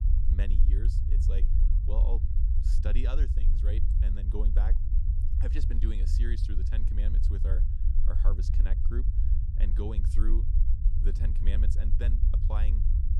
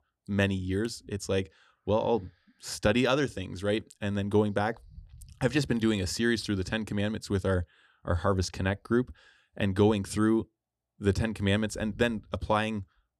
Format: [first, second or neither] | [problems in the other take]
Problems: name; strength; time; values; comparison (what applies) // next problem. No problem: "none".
second | low rumble; loud; throughout; 3 dB below the speech